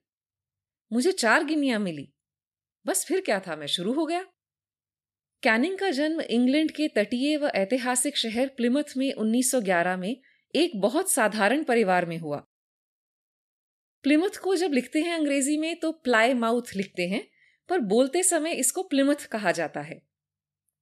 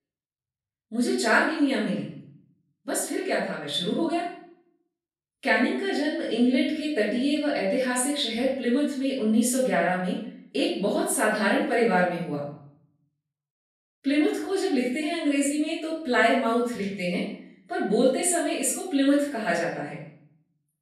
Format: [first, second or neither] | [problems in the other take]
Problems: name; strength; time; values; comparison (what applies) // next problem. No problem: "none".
first | room echo; noticeable; dies away in 0.6 s // off-mic speech; far